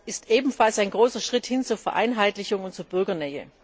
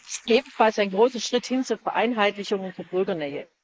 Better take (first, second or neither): first